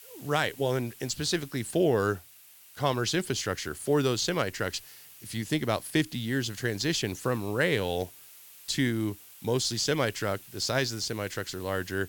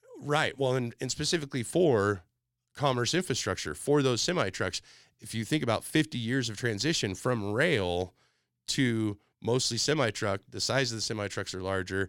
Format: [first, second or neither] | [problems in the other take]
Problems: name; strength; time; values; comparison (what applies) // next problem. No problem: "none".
second | hiss; noticeable; throughout; 20 dB below the speech